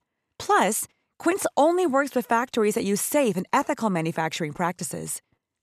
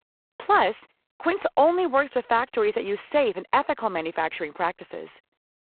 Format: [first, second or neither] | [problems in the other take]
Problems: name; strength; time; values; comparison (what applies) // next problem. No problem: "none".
first | phone-call audio; poor line; nothing above 4 kHz